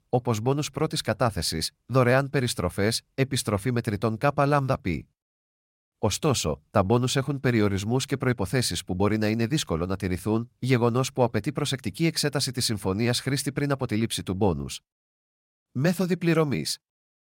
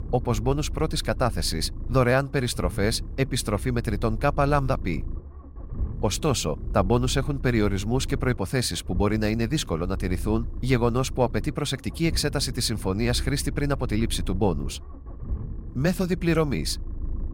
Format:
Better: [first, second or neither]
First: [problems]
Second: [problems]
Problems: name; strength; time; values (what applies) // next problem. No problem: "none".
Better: first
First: none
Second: low rumble; faint; throughout; 20 dB below the speech